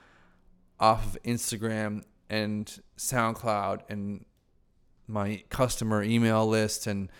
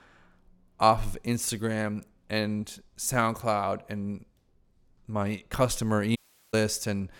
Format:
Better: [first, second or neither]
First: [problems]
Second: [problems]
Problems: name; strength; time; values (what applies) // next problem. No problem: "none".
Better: first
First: none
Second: audio cutting out; at 6 s